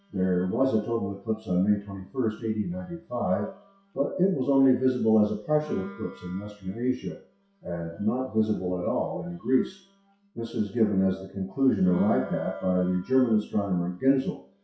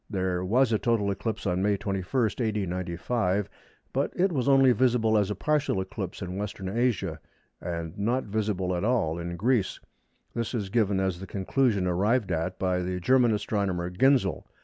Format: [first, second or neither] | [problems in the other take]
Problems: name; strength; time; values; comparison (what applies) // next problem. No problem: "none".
second | noise reduction (classical method WPE with log-MMSE)